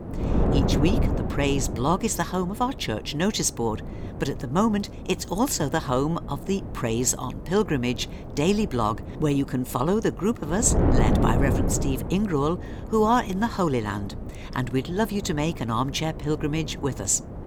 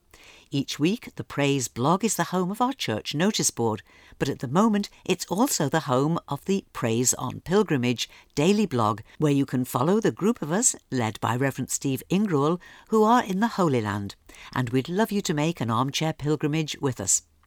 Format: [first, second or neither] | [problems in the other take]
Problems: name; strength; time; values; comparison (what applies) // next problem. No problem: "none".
second | wind noise on the microphone; heavy; 9 dB below the speech